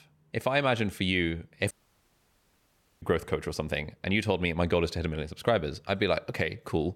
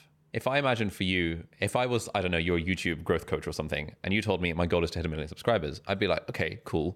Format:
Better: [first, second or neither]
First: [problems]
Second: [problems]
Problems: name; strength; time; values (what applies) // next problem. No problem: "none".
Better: second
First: audio cutting out; at 1.5 s for 1.5 s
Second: none